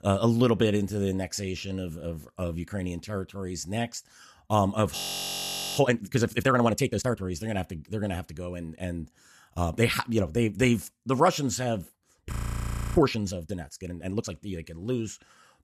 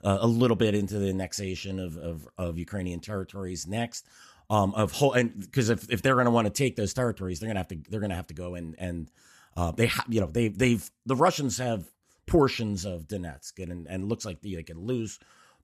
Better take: second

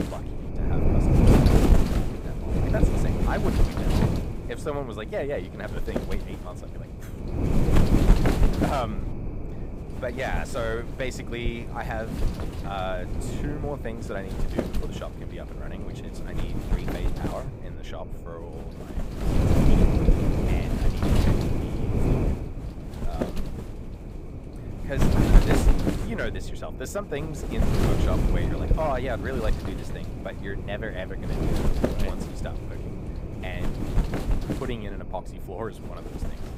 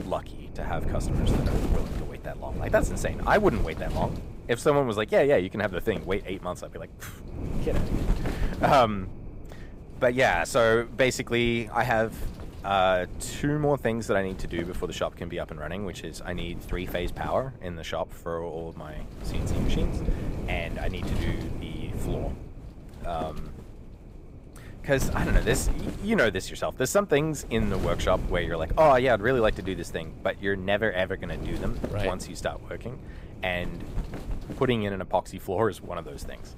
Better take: second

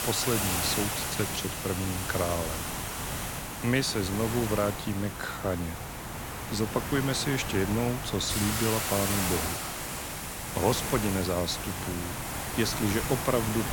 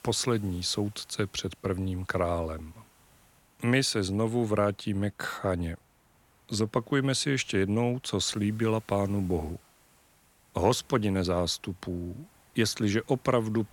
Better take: second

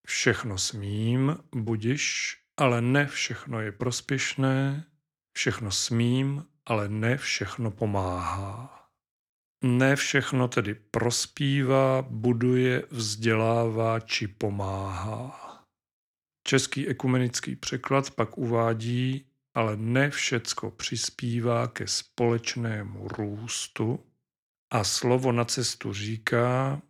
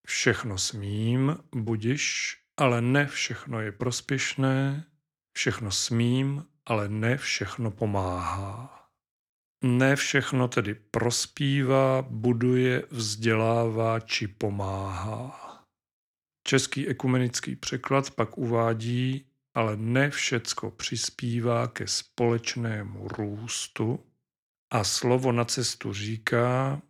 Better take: neither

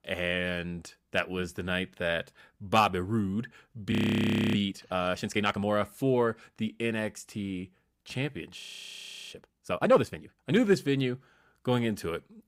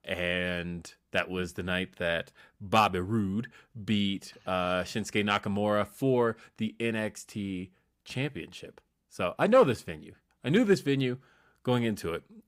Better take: second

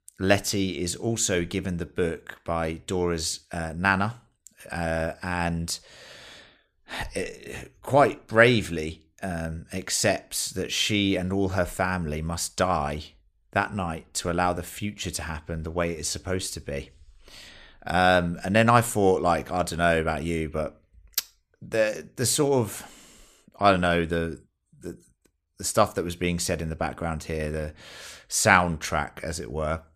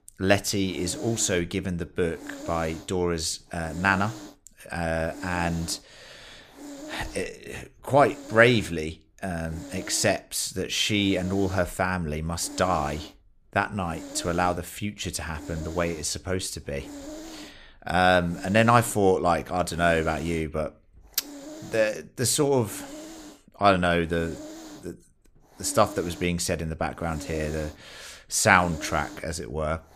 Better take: first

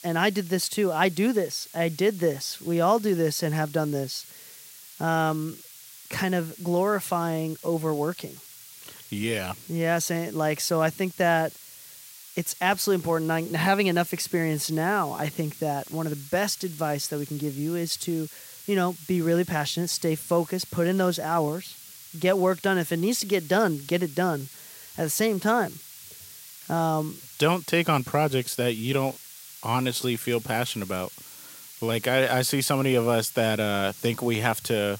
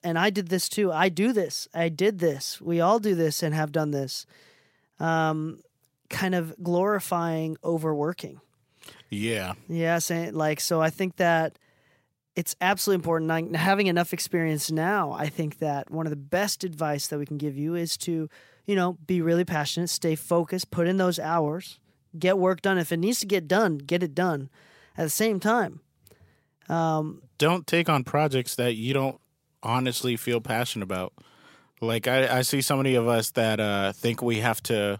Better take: second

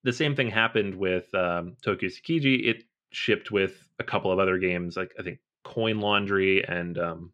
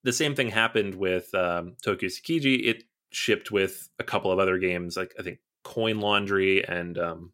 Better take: second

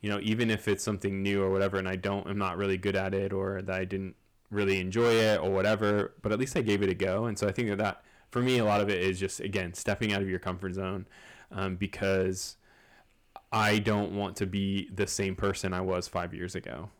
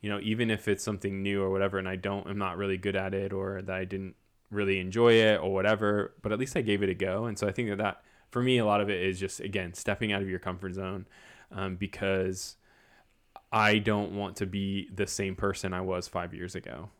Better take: second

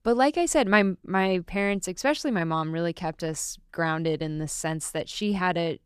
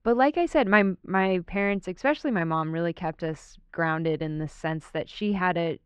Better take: first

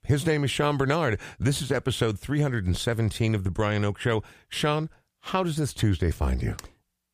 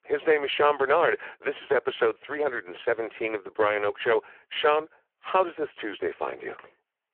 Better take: first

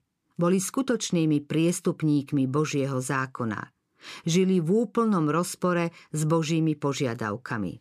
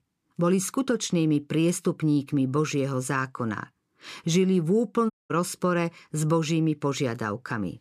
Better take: first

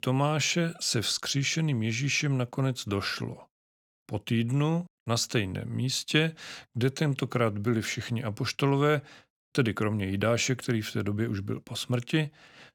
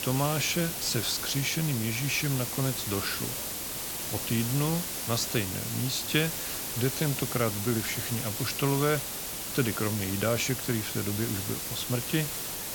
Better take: first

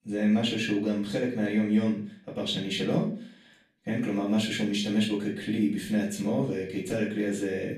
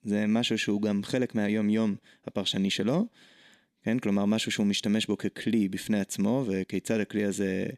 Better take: second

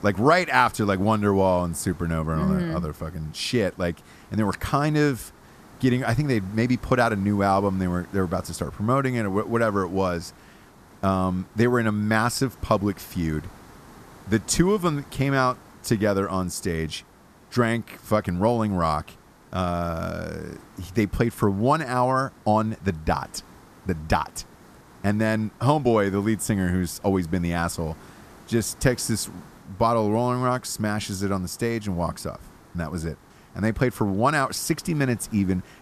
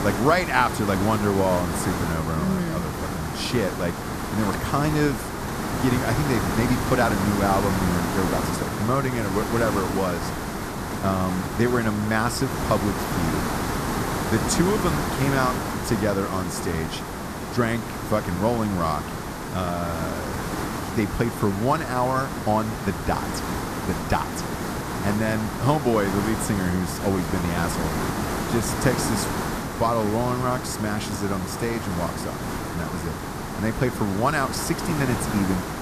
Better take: first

